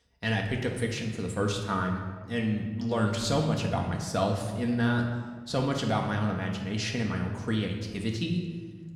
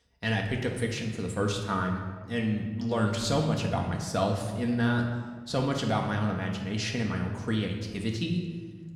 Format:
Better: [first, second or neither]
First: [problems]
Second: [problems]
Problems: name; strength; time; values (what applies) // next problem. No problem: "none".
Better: neither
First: room echo; noticeable; dies away in 1.2 s // off-mic speech; somewhat distant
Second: room echo; noticeable; dies away in 1.2 s // off-mic speech; somewhat distant